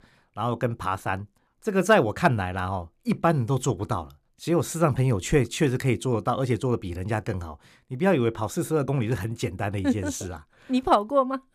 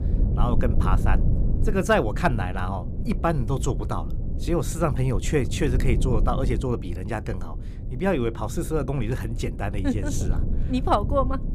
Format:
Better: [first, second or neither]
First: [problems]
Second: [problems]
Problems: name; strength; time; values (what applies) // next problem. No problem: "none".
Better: first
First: none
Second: low rumble; noticeable; throughout; 15 dB below the speech